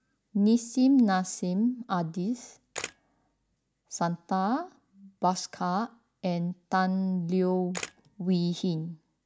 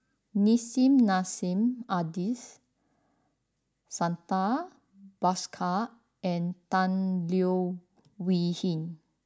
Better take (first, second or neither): second